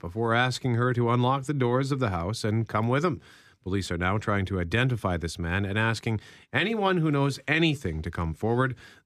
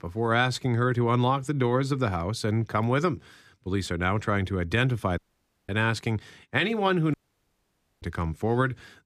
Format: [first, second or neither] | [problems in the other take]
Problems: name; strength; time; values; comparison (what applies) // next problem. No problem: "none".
first | audio cutting out; at 5 s for 0.5 s and at 7 s for 1 s